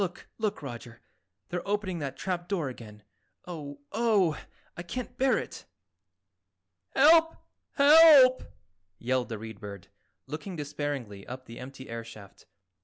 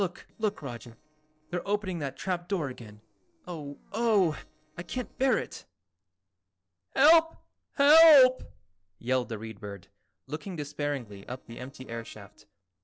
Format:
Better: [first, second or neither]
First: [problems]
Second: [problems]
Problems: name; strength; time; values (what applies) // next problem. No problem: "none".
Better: first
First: none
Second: noise reduction (neural separator model SepFormer DNS4)